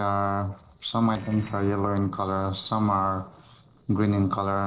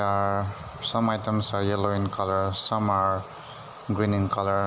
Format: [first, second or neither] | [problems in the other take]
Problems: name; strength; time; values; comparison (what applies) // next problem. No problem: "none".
second | noise reduction (neural separator model SepFormer DNS4)